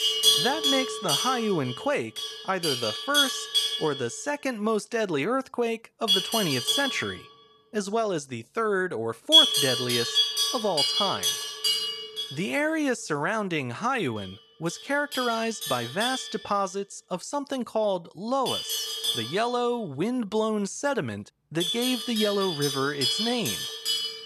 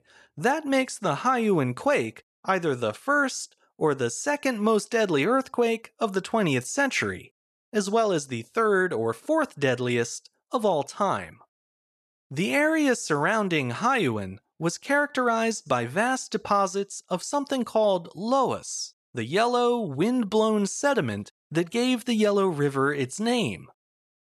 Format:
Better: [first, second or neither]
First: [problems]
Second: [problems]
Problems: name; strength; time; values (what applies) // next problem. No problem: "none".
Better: second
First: animal sounds; very loud; throughout; 4 dB above the speech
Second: none